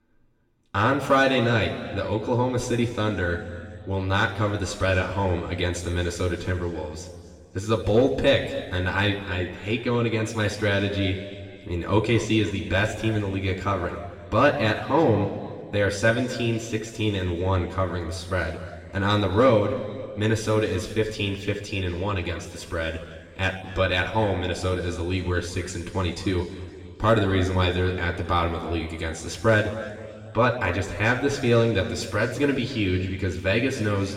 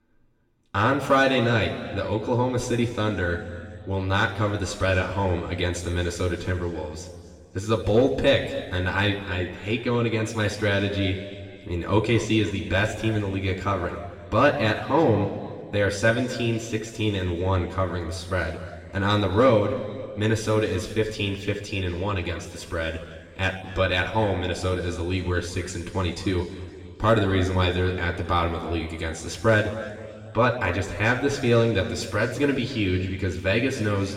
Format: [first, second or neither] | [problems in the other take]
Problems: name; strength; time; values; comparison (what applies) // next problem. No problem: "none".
neither | room echo; noticeable; dies away in 1.8 s; the same in both // off-mic speech; somewhat distant; the same in both